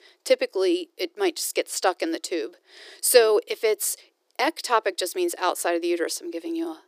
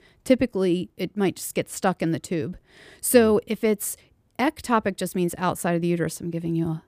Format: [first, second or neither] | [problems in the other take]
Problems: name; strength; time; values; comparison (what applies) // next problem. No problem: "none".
second | thin; very; fading below 350 Hz